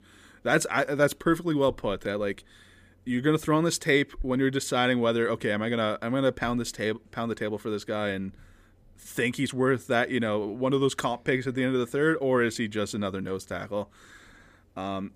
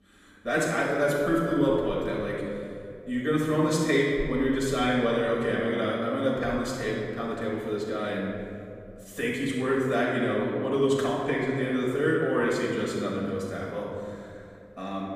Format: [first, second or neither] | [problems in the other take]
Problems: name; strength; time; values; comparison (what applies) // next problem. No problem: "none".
first | off-mic speech; far // room echo; noticeable; dies away in 2.2 s